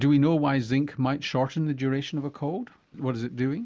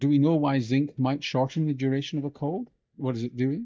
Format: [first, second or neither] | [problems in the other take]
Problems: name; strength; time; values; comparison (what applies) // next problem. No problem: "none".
first | noise reduction (neural mask model DeepFilterNet 3)